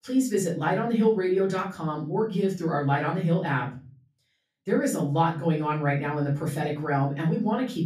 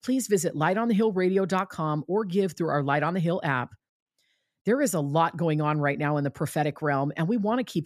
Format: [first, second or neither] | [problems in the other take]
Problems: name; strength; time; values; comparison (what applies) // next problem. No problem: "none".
second | room echo; slight; dies away in 0.4 s // off-mic speech; far